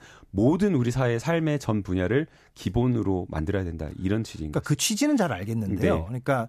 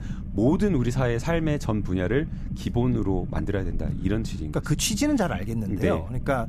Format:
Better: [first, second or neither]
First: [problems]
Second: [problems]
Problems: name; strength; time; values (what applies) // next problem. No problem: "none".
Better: first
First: none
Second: low rumble; noticeable; throughout; 15 dB below the speech